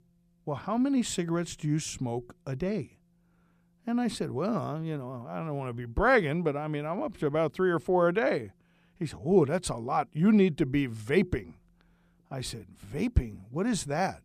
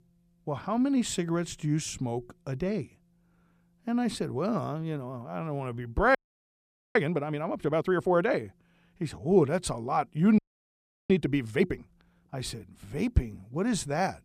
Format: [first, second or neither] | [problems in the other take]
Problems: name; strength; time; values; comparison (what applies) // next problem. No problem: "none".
first | audio freezing; at 6 s for 1 s and at 10 s for 0.5 s